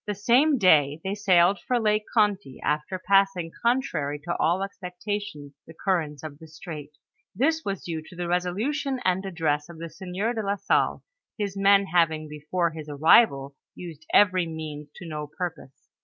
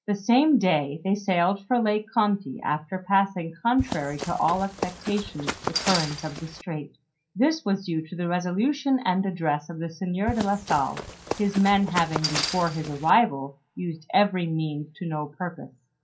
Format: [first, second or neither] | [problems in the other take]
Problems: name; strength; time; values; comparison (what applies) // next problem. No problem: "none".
first | background sound (Run); 7 dB below the speech // room echo; dies away in 0.3 s